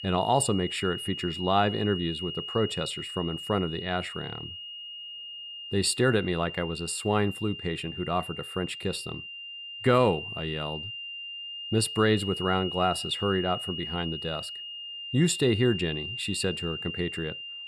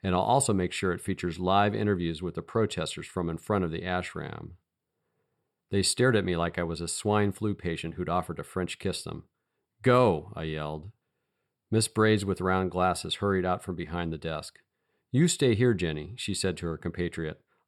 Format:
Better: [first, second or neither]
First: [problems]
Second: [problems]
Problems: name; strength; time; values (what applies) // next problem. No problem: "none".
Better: second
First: high-pitched whine; loud; throughout; 3 kHz, 7 dB below the speech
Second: none